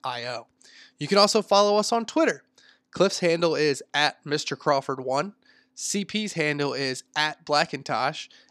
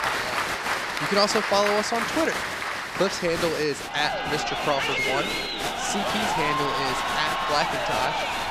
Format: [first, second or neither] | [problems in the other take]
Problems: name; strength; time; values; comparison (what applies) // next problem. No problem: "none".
first | crowd noise; very loud; throughout; 1 dB above the speech